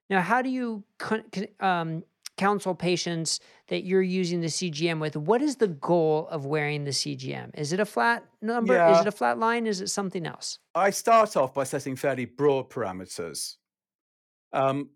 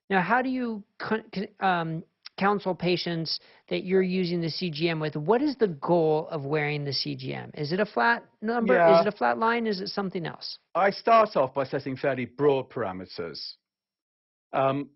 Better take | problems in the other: first | garbled, watery; badly; nothing above 5.5 kHz

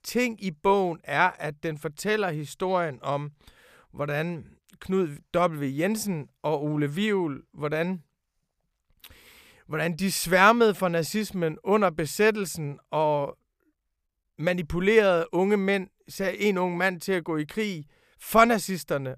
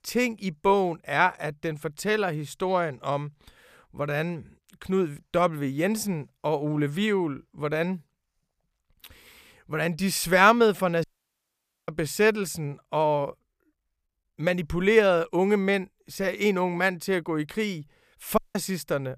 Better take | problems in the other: first | audio cutting out; at 11 s for 1 s and at 18 s

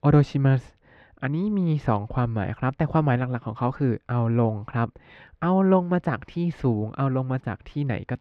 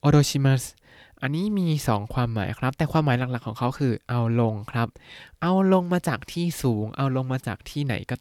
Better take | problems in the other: second | muffled; very; fading above 2 kHz

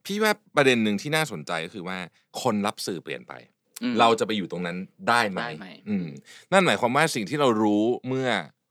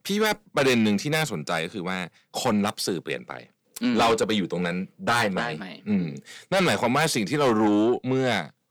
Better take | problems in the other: first | distortion; heavy; 7 dB below the speech

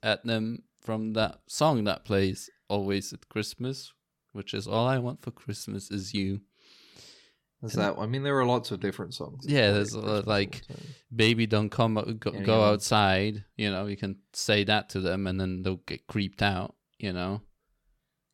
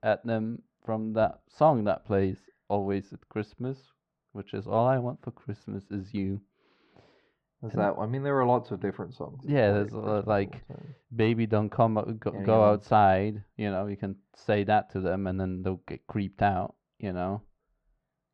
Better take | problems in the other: first | muffled; very; fading above 1.5 kHz

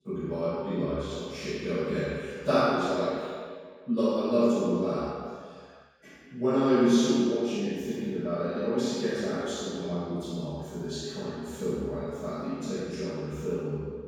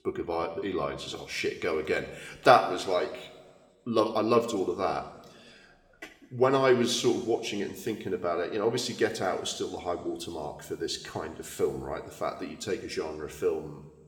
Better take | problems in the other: second | room echo; strong; dies away in 1.8 s; slight in the second // off-mic speech; far

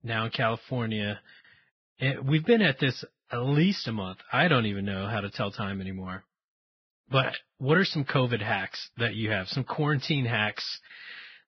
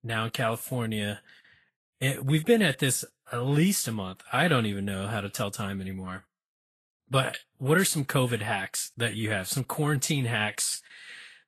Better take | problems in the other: second | garbled, watery; badly; nothing above 5.5 kHz; slightly in the second

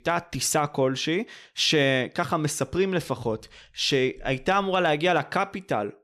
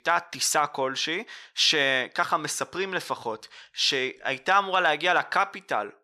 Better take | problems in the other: first | thin; somewhat; fading below 650 Hz

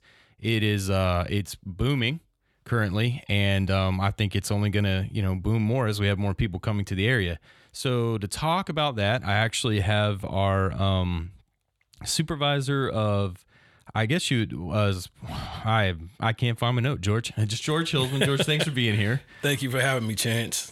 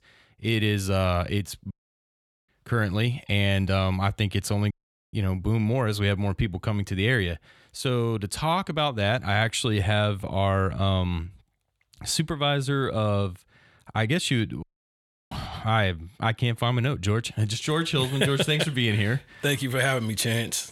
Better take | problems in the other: first | audio cutting out; at 1.5 s for 1 s, at 4.5 s and at 15 s for 0.5 s

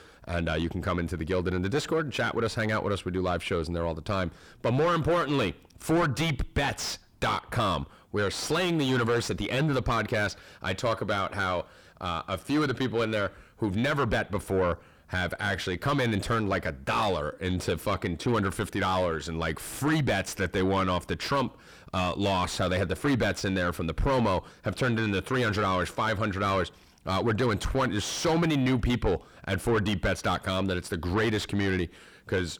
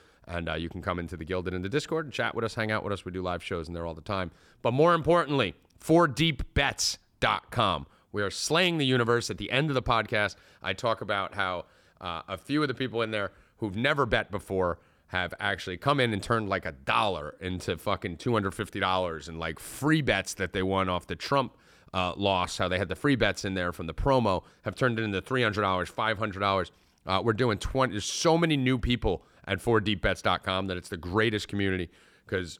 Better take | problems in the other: second | distortion; heavy; 5 dB below the speech

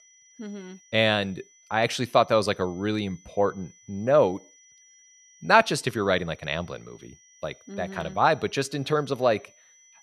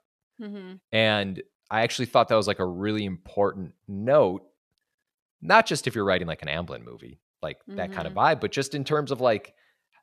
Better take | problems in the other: second | high-pitched whine; faint; throughout; 6 kHz, 30 dB below the speech

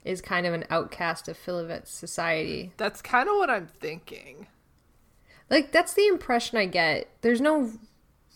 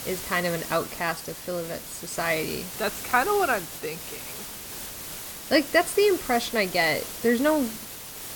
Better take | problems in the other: first | hiss; loud; throughout; 9 dB below the speech

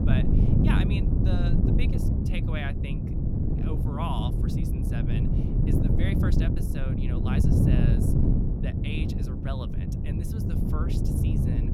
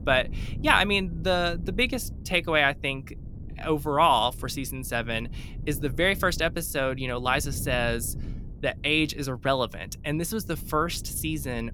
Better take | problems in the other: second | wind noise on the microphone; heavy; 3 dB above the speech; occasional gusts in the second

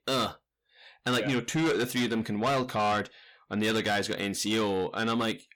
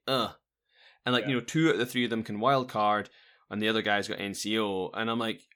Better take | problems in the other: second | distortion; heavy; 8 dB below the speech

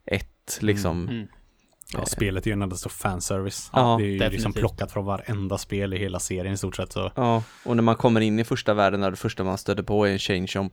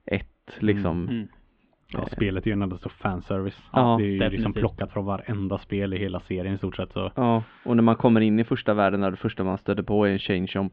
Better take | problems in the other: first | muffled; very; fading above 3 kHz

